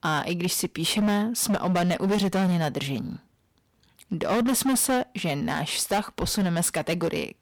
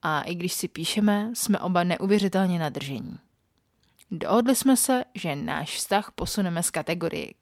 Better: second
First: distortion; heavy; 15% of the sound clipped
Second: none

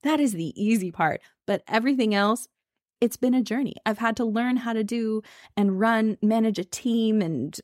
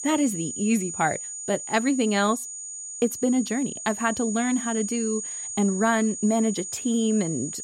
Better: first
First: none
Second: high-pitched whine; loud; throughout; 7 kHz, 7 dB below the speech

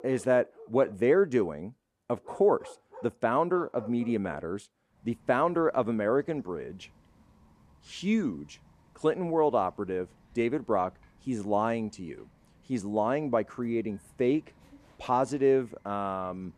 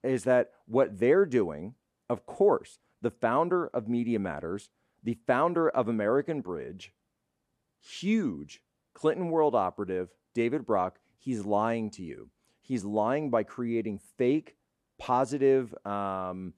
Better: second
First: animal sounds; faint; throughout; 25 dB below the speech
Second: none

